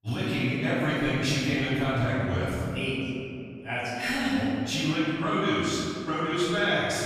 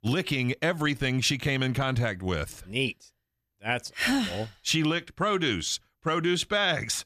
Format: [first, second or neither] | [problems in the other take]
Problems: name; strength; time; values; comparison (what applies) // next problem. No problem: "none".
second | off-mic speech; far // room echo; strong; dies away in 2.8 s